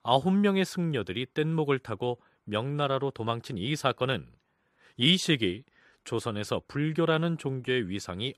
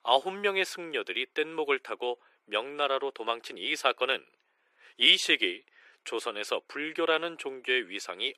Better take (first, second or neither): first